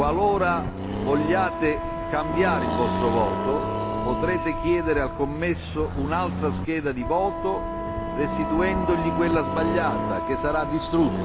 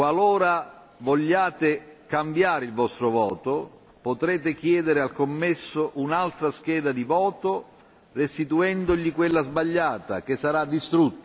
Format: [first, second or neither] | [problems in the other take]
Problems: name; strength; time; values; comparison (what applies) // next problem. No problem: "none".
second | background sound (Wind instrument, woodwind instrument + Accelerating, revving, vroom); 2 dB below the speech